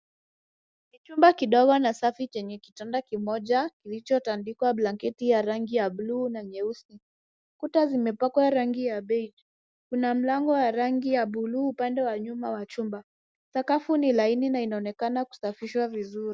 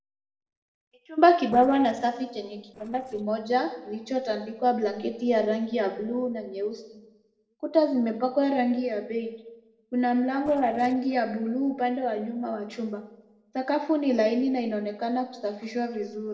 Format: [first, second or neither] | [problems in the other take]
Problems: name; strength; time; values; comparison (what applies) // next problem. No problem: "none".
first | noise reduction (neural separator model SepFormer DNS4)